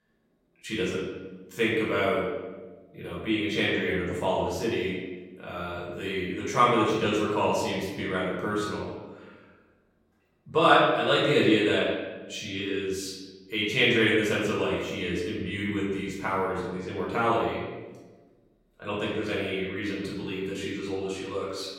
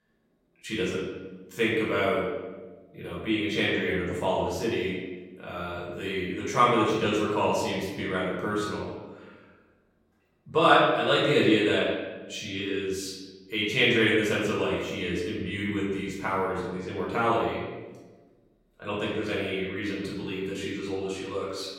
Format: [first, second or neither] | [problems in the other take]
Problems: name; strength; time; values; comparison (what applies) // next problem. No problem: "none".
neither | room echo; noticeable; dies away in 1.1 s; the same in both // off-mic speech; far; the same in both